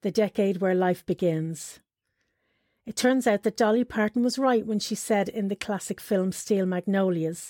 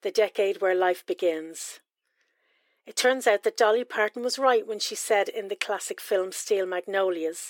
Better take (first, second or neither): first